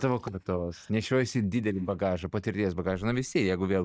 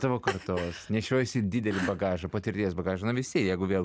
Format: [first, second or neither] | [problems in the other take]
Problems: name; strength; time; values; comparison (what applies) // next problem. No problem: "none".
second | noise reduction (neural mask model DeepFilterNet 3)